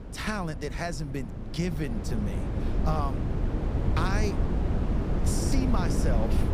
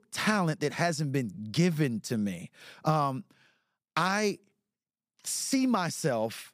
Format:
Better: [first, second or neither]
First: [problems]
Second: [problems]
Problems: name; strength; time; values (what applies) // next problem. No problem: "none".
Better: second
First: wind noise on the microphone; heavy; 3 dB below the speech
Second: none